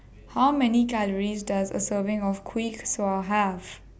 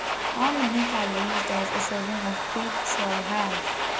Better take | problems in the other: first | background sound (Domestic sounds, home sounds); 2 dB above the speech

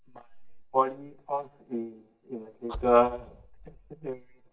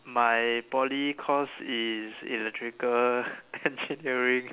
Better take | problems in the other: second | noise reduction (neural mask model DeepFilterNet 3)

